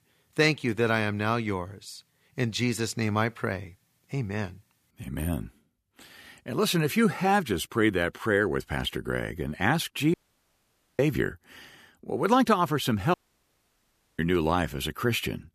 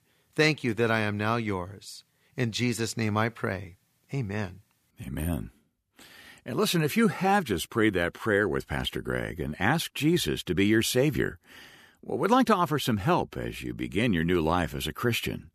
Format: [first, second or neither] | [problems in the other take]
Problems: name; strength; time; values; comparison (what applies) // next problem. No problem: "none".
second | audio cutting out; at 10 s for 1 s and at 13 s for 1 s